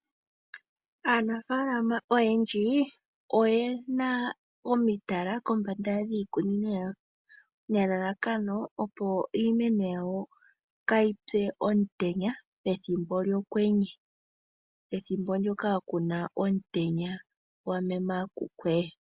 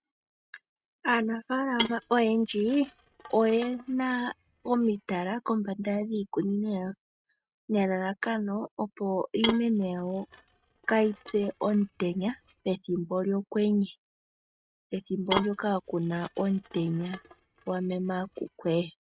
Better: first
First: none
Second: noise reduction (neural mask model RNNoise)

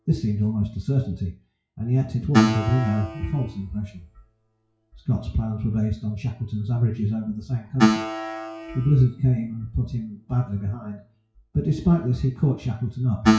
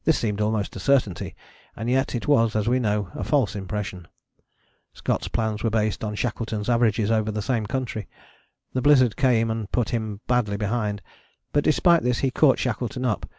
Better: second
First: noise reduction (classical method WPE with log-MMSE)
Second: none

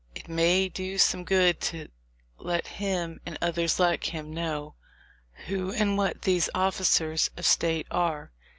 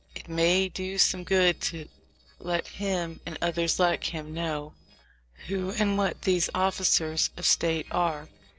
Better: first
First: none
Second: noise reduction (neural separator model SepFormer DNS4)

